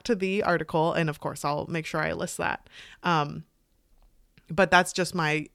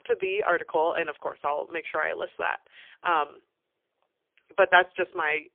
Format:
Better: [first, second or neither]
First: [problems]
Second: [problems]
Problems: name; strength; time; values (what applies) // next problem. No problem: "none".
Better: first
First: none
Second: phone-call audio; poor line; nothing above 3 kHz